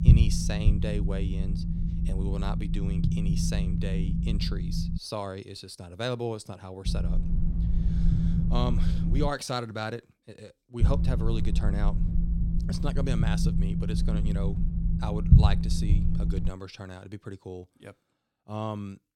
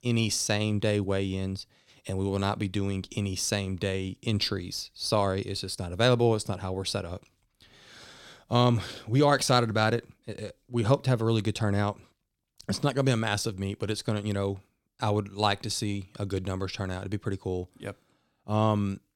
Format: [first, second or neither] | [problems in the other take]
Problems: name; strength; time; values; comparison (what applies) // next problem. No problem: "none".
second | low rumble; loud; until 5 s, from 7 to 9.5 s and from 11 to 16 s; 3 dB below the speech